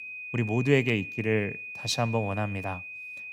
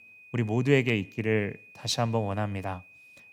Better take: second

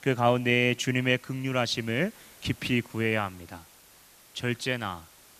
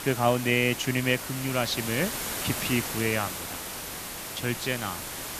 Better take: first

